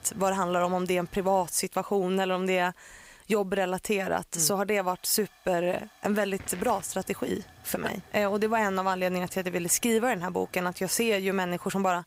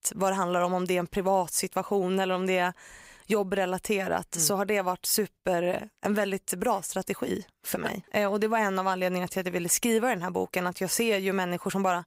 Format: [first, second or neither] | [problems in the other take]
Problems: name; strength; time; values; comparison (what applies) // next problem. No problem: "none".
second | hiss; faint; throughout; 25 dB below the speech